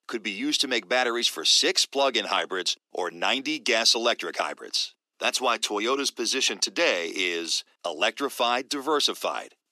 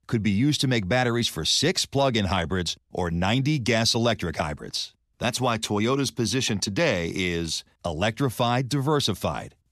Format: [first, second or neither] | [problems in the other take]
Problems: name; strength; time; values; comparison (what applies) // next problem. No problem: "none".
second | thin; somewhat; fading below 300 Hz